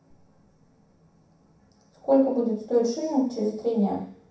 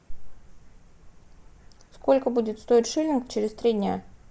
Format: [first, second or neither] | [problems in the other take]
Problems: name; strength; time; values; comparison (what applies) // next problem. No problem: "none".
second | room echo; dies away in 0.7 s